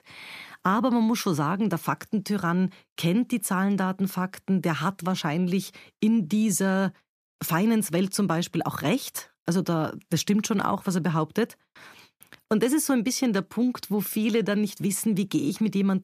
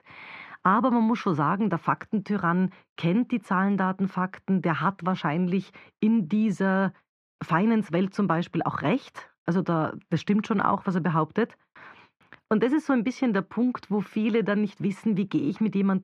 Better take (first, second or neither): first